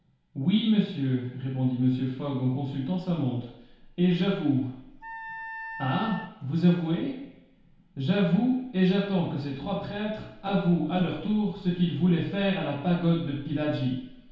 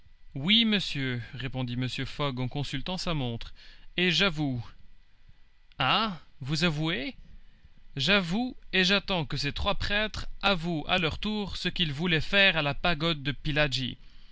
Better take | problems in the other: second | background sound (Wind instrument, woodwind instrument); 13 dB below the speech // room echo; dies away in 0.8 s

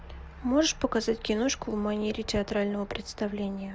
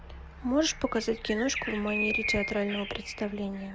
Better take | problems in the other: first | background sound (Bird); 6 dB below the speech

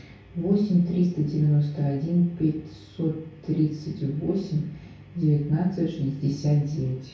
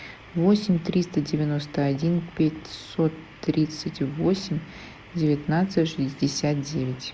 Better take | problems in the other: second | room echo; dies away in 0.6 s

